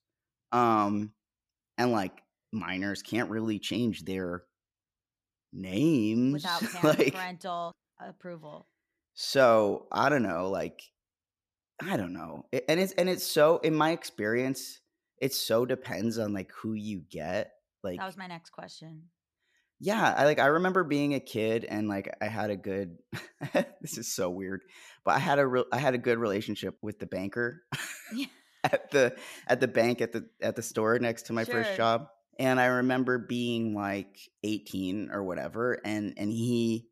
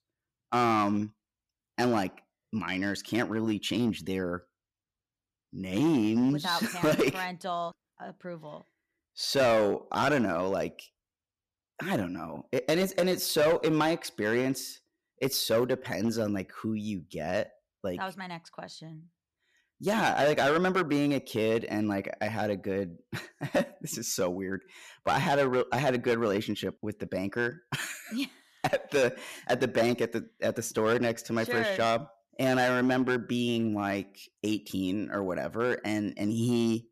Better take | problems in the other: first | distortion; slight; 4% of the sound clipped

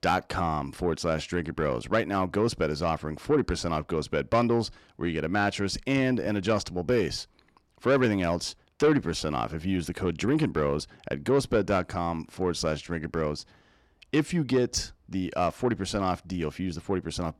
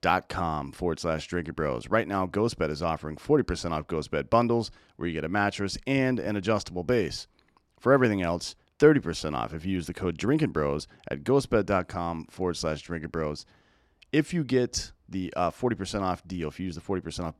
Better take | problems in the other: second | distortion; slight; 10 dB below the speech

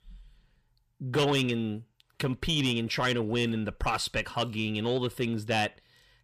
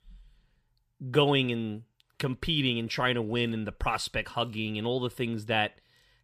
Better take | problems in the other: second | distortion; slight; 10 dB below the speech

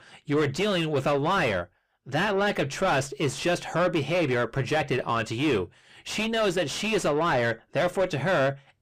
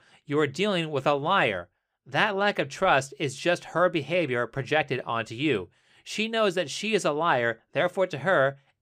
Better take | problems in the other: second | distortion; heavy; 6 dB below the speech

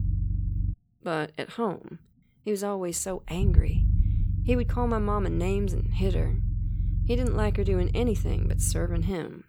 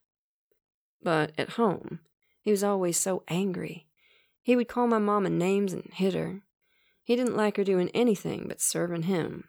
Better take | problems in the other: second | low rumble; noticeable; throughout; 10 dB below the speech

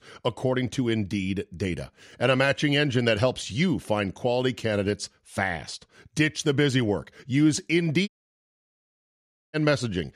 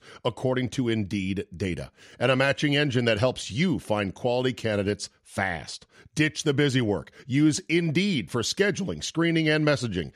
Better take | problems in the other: second | audio cutting out; at 8 s for 1.5 s

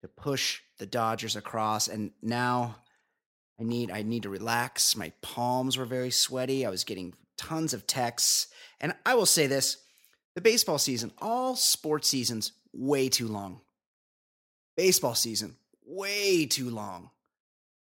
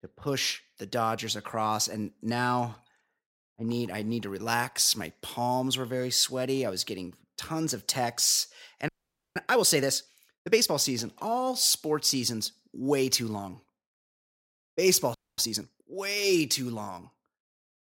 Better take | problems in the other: first | audio freezing; at 9 s and at 15 s

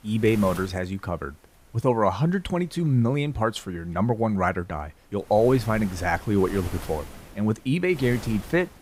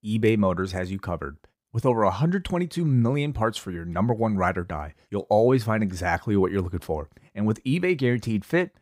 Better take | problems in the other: second | wind noise on the microphone; occasional gusts; 15 dB below the speech

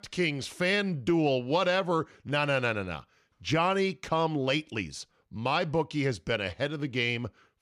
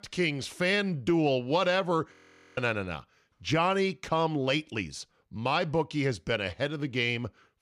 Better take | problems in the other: first | audio freezing; at 2 s

